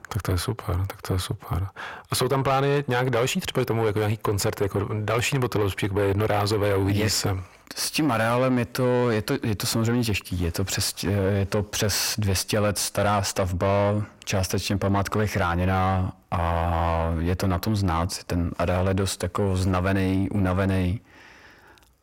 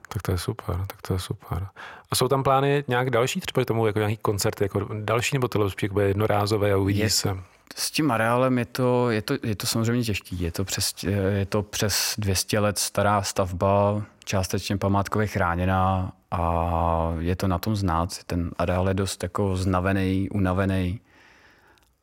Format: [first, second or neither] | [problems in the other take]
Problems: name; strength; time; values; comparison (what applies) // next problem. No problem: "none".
second | distortion; slight; 10 dB below the speech